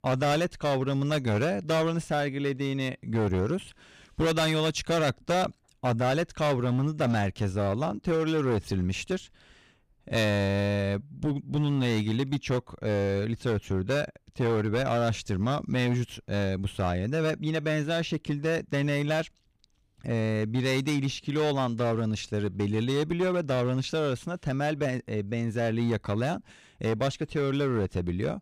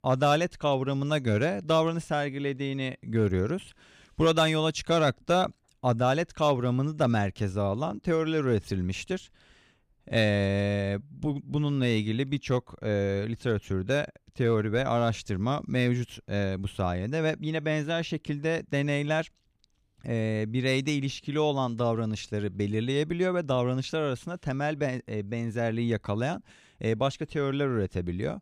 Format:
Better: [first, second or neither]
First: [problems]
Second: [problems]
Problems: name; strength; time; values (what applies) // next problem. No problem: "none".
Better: second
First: distortion; slight; 11% of the sound clipped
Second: none